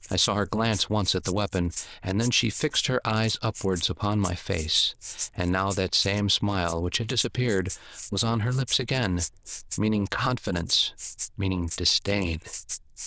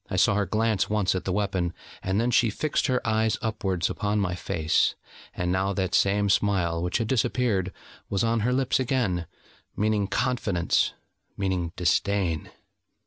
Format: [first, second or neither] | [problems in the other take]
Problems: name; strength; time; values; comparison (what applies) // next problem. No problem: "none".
second | noise reduction (neural diffusion model UNIVERSE++)